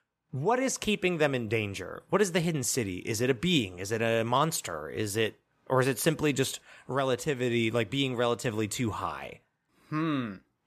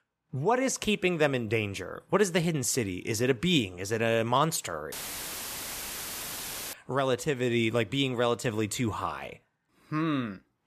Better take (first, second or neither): first